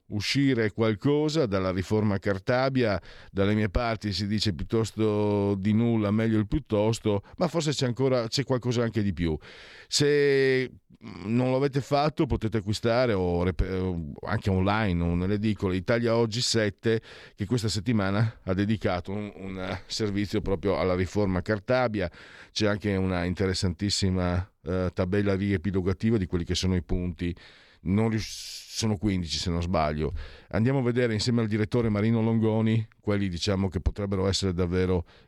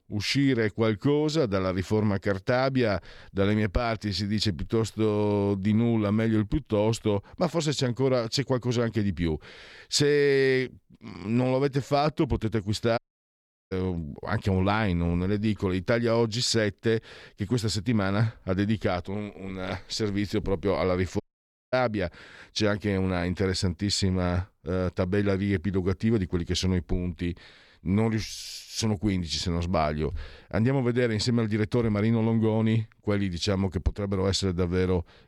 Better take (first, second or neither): first